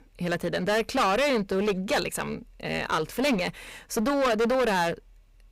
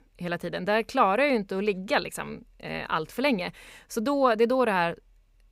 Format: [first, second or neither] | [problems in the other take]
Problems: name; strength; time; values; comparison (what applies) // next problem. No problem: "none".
second | distortion; heavy; 16% of the sound clipped